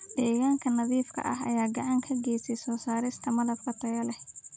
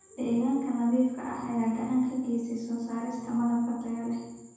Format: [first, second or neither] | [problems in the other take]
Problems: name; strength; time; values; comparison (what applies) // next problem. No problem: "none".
first | room echo; dies away in 1.1 s